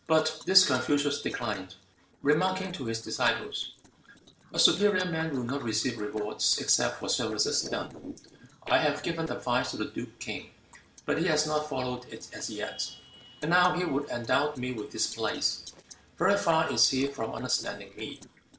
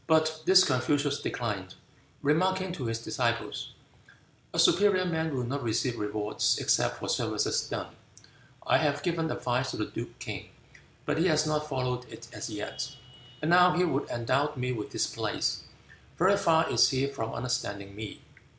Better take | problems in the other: second | noise reduction (neural separator model SepFormer DNS4)

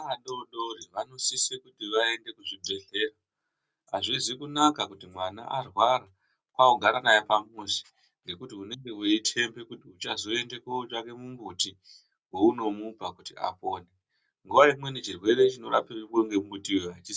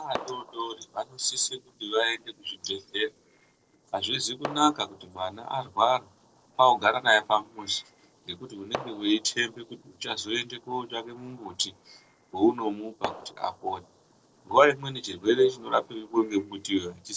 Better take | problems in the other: first | noise reduction (neural separator model SepFormer DNS4)

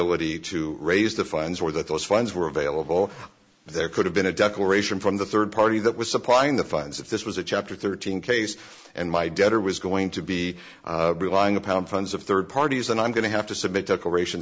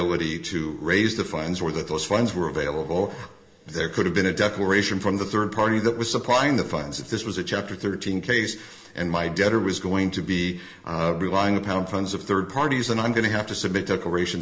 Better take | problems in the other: first | room echo; dies away in 2.4 s

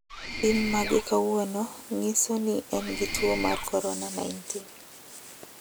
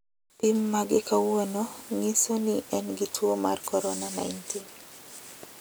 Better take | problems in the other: second | background sound (Mechanisms); 6 dB below the speech

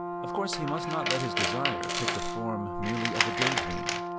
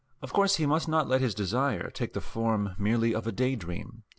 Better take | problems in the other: second | background sound (Brass instrument + Tools); 3 dB above the speech

